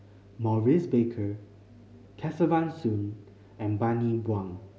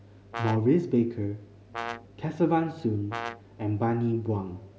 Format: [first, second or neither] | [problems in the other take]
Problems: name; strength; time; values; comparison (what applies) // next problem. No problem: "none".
first | background sound (Brass instrument); 12 dB below the speech